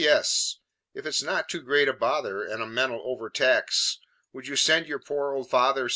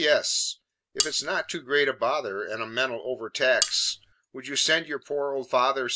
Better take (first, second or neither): first